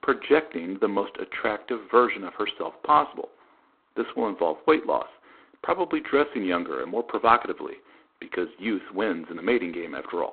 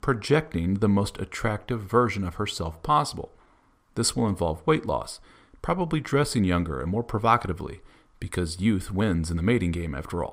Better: second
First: phone-call audio; poor line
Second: none

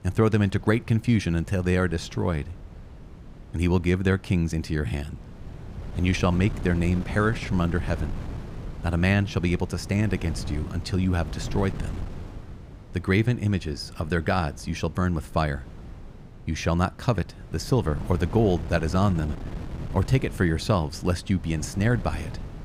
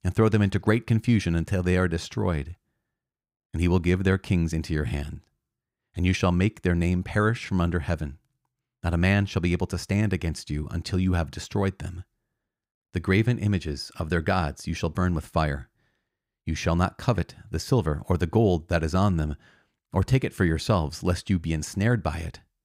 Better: second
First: wind noise on the microphone; occasional gusts; 15 dB below the speech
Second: none

